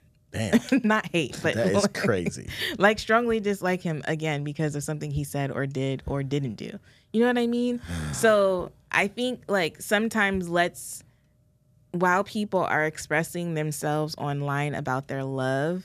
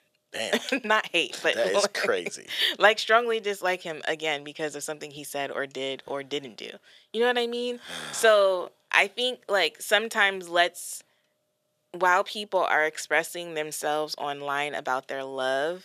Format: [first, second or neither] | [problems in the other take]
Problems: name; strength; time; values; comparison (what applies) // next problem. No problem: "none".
first | thin; somewhat; fading below 550 Hz